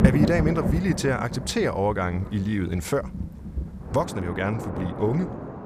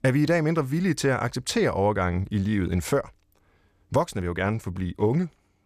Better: second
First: rain or running water; loud; throughout; 5 dB below the speech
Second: none

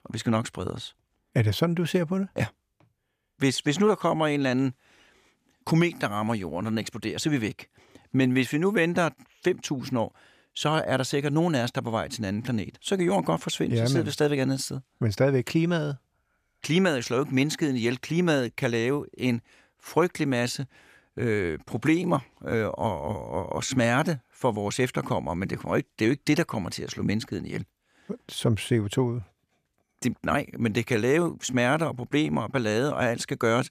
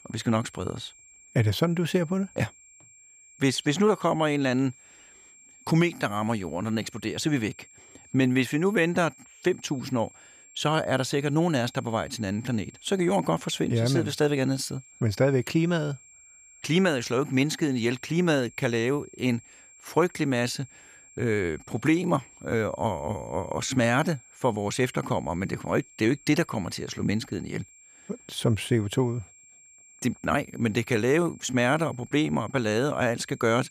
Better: first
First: none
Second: high-pitched whine; faint; throughout; 7.5 kHz, 25 dB below the speech

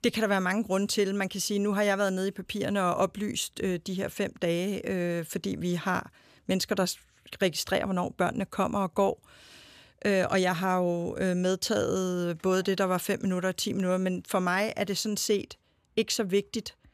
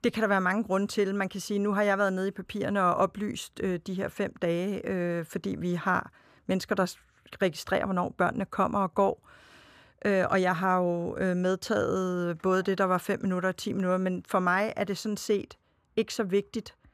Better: first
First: none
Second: muffled; slightly; fading above 2.5 kHz

